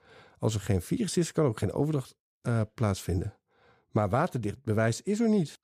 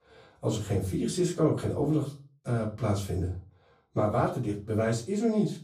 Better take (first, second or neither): first